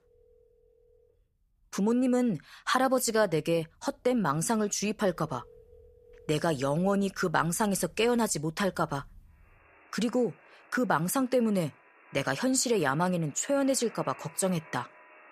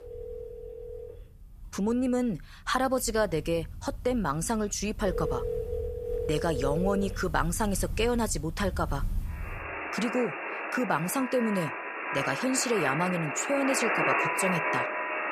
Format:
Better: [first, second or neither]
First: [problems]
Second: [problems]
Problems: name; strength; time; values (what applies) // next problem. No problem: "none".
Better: first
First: alarms or sirens; faint; throughout; 25 dB below the speech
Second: alarms or sirens; loud; throughout; 3 dB below the speech